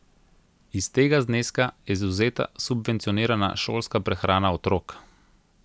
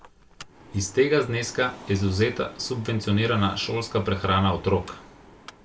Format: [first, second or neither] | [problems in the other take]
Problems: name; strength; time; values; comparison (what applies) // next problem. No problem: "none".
first | background sound (Mechanical fan); 20 dB below the speech // room echo; dies away in 0.2 s